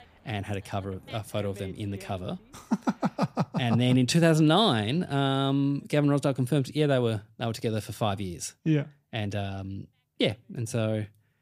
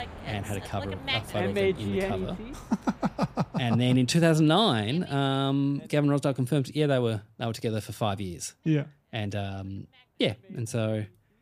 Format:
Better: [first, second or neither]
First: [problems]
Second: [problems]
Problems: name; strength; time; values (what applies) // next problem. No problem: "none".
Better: first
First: animal sounds; faint; throughout; 20 dB below the speech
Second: animal sounds; loud; throughout; 4 dB below the speech